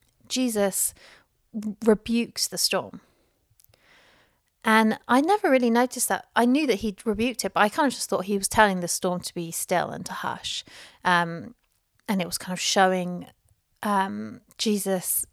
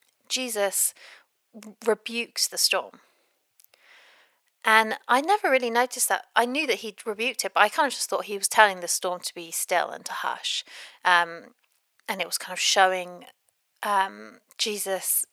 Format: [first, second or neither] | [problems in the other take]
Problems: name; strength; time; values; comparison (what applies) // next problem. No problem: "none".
first | thin; somewhat; fading below 500 Hz